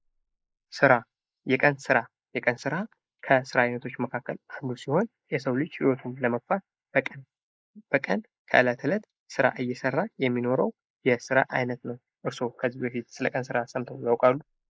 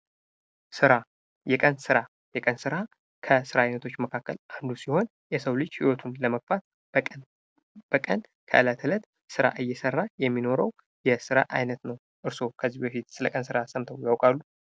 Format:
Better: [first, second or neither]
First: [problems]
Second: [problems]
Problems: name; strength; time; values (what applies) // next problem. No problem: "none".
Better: second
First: noise reduction (neural mask model Resemble Enhance denoiser)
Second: none